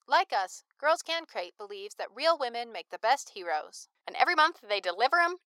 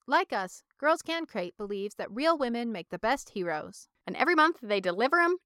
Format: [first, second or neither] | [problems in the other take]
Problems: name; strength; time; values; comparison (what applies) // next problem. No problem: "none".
second | thin; very; fading below 500 Hz